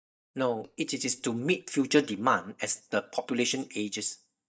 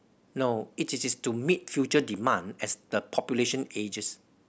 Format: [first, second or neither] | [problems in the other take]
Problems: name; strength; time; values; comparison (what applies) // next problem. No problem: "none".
second | noise reduction (neural mask model DeepFilterNet 3)